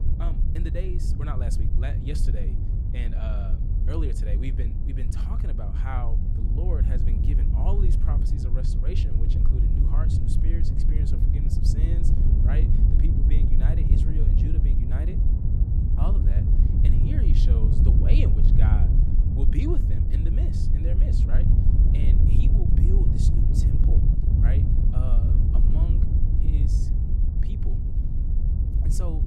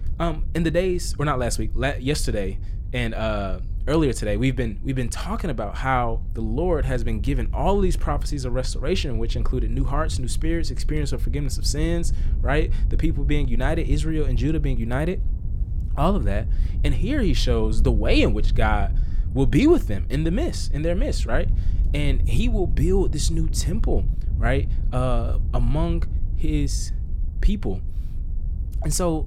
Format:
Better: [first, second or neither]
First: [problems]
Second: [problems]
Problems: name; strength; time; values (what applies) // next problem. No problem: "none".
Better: second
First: wind noise on the microphone; heavy; 2 dB above the speech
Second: wind noise on the microphone; occasional gusts; 20 dB below the speech